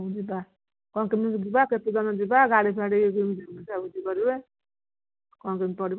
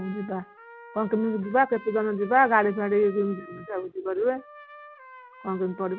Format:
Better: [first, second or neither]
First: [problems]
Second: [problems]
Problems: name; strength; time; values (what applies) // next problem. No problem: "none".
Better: first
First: none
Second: background sound (Trumpet); 20 dB below the speech